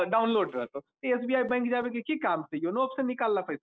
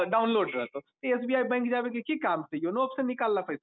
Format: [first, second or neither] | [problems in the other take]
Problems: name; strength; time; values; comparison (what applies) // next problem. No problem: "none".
second | noise reduction (neural separator model SepFormer DNS4)